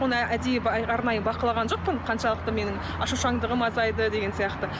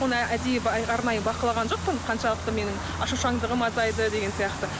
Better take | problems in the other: first | background sound (Boiling); 16 dB below the speech

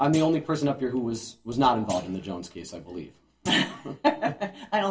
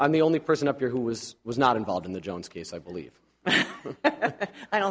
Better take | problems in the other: second | background sound (Thump, thud); 20 dB below the speech // room echo; dies away in 0.2 s

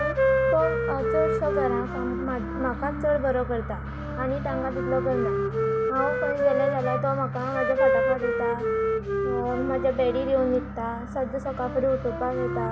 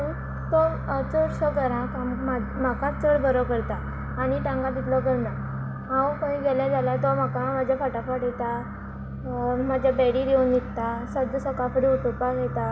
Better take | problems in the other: second | background sound (Wind instrument, woodwind instrument); 1 dB below the speech

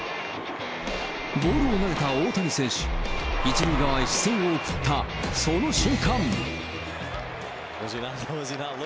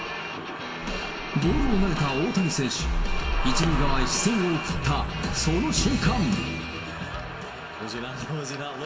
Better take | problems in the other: first | room echo; dies away in 1.4 s

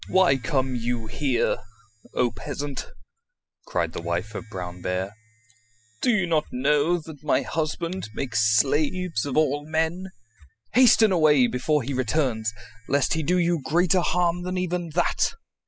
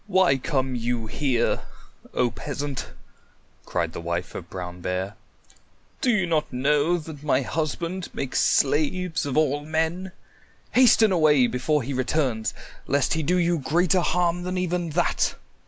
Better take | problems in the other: second | noise reduction (classical method spectral subtraction)

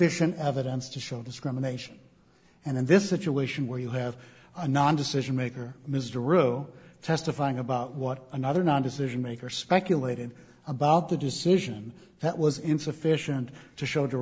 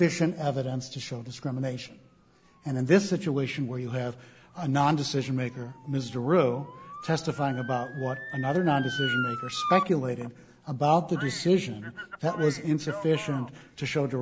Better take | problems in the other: first | background sound (Motor vehicle (road) / Siren); 12 dB below the speech

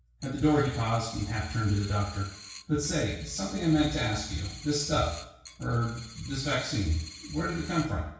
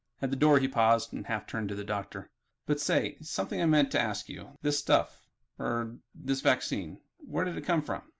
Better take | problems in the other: second | background sound (Coin (dropping)); 17 dB below the speech // room echo; dies away in 0.6 s

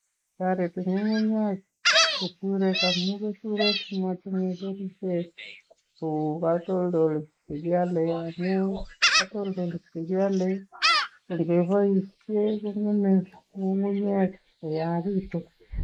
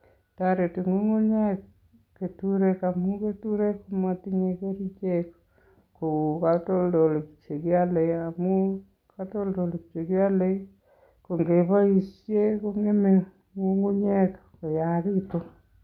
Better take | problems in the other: second | noise reduction (neural mask model Resemble Enhance denoiser)

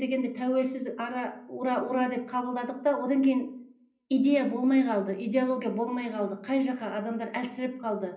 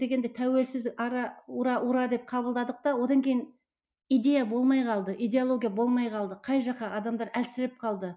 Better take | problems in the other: second | room echo; dies away in 0.5 s

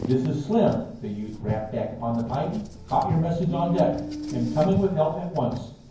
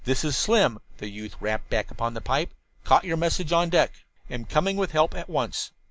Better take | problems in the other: second | background sound (Car); 10 dB below the speech // room echo; dies away in 0.9 s

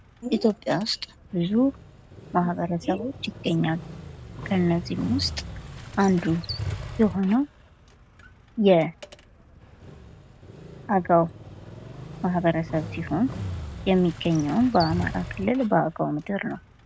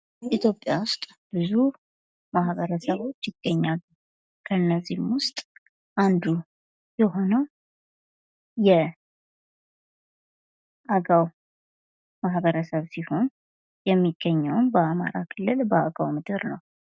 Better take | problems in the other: second | background sound (Motorcycle); 12 dB below the speech

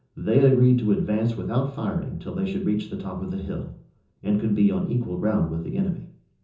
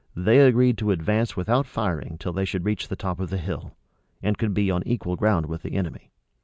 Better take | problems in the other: second | room echo; dies away in 0.6 s

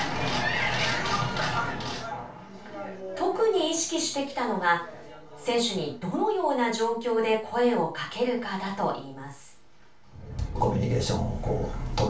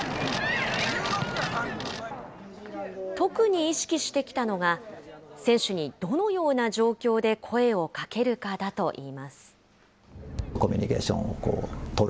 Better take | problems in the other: second | room echo; dies away in 0.3 s

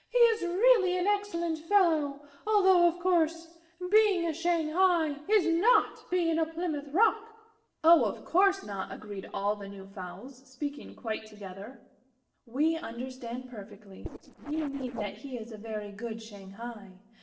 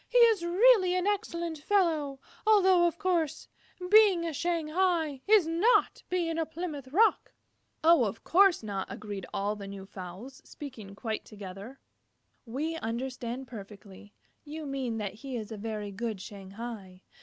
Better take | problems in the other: second | noise reduction (neural separator model SepFormer DNS4)

